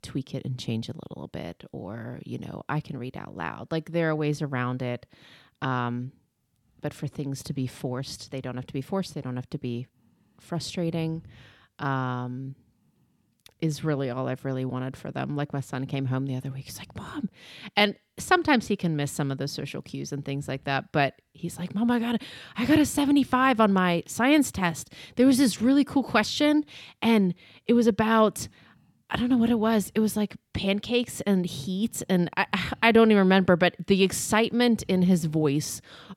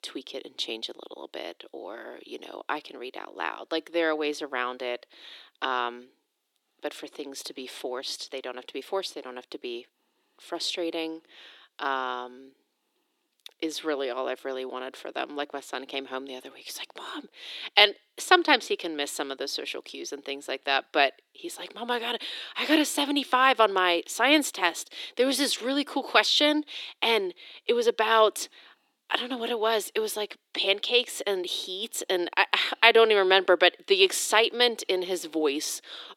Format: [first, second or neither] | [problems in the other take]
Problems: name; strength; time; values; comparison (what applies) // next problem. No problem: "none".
first | thin; somewhat; fading below 350 Hz